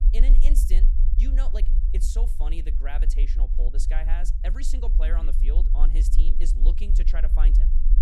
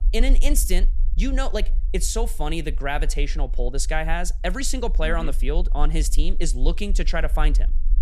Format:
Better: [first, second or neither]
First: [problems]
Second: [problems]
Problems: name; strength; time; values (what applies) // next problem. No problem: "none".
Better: second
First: low rumble; loud; throughout; 7 dB below the speech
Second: low rumble; faint; throughout; 25 dB below the speech